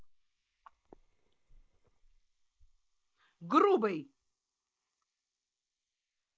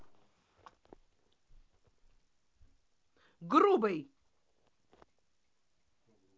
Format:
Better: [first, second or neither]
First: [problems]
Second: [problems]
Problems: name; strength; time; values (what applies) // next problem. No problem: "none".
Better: second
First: noise reduction (neural mask model Resemble Enhance denoiser)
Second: none